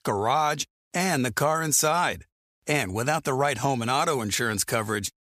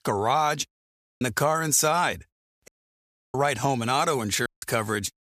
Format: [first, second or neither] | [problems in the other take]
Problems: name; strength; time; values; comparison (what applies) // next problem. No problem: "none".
first | audio cutting out; at 1 s, at 2.5 s for 0.5 s and at 4.5 s